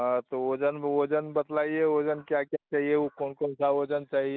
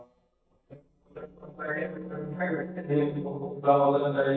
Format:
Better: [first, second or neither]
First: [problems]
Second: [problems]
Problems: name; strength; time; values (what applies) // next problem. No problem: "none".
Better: first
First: none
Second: noise reduction (neural mask model DeepFilterNet 3)